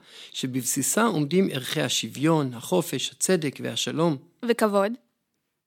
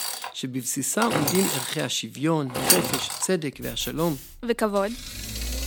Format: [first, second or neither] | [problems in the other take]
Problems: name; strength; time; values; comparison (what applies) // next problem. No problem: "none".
first | machinery noise; very loud; throughout; as loud as the speech